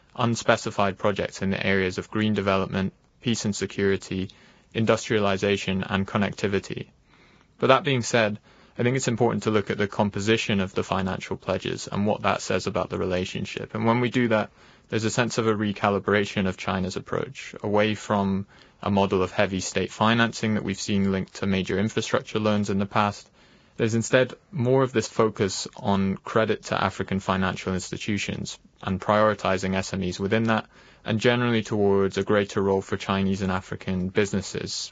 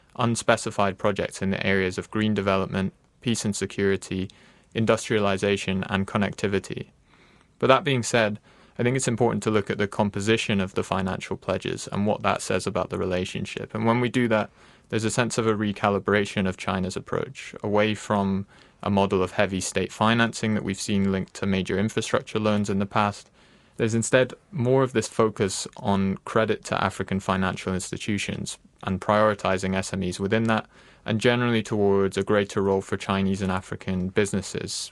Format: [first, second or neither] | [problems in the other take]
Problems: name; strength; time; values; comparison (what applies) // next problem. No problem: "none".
second | garbled, watery; badly; nothing above 7.5 kHz; slightly in the second